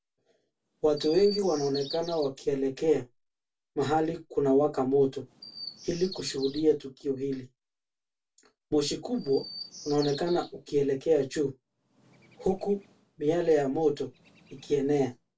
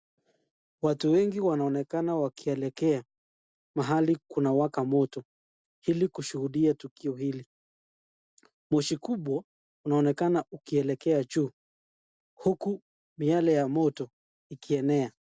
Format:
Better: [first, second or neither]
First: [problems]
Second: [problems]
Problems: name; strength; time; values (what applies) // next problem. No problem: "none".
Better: second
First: background sound (Chirp, tweet); 19 dB below the speech // room echo; dies away in 0.2 s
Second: none